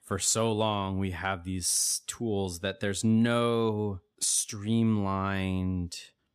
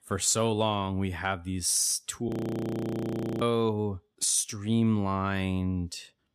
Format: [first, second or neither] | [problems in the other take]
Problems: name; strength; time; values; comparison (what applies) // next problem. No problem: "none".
first | audio freezing; at 2.5 s for 1 s